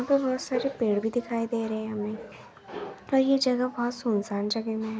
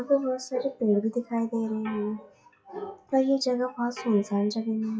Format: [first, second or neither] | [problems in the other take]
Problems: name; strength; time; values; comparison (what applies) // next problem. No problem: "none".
first | noise reduction (classical method WPE with log-MMSE)